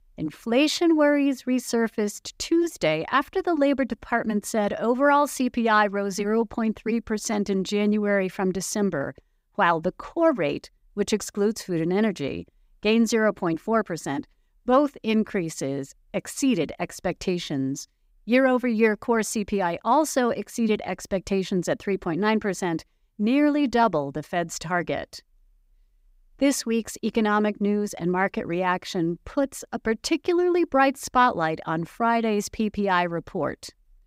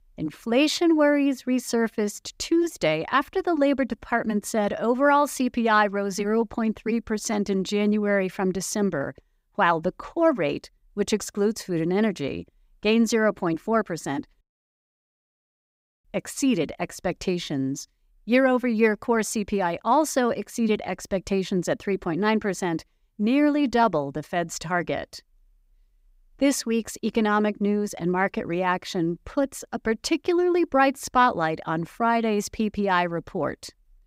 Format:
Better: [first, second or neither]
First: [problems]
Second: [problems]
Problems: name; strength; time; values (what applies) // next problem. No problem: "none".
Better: first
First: none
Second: audio cutting out; at 14 s for 1.5 s